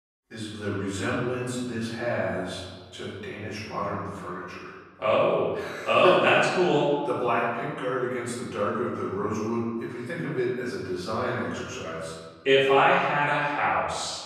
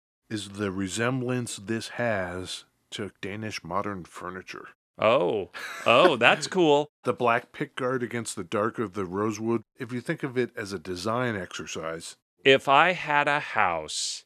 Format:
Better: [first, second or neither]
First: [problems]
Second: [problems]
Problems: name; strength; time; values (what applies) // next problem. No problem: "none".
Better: second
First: room echo; strong; dies away in 1.4 s // off-mic speech; far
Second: none